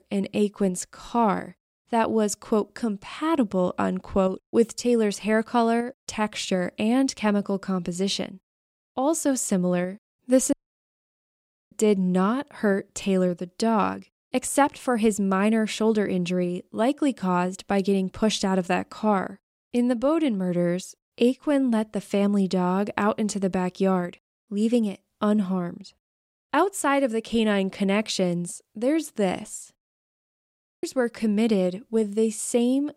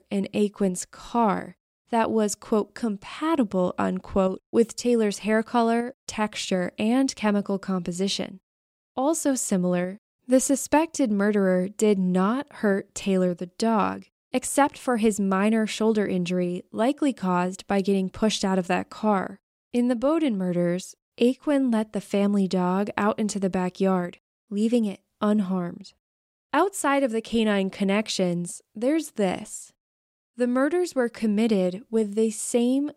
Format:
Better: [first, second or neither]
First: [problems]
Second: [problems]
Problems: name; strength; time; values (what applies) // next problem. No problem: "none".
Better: second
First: audio cutting out; at 11 s for 1 s and at 30 s for 0.5 s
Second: none